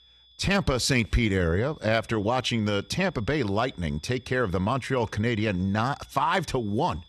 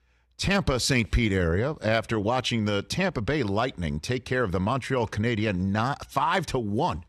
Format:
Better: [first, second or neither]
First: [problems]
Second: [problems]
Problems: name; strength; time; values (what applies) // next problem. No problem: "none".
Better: second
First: high-pitched whine; faint; throughout; 3.5 kHz, 30 dB below the speech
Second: none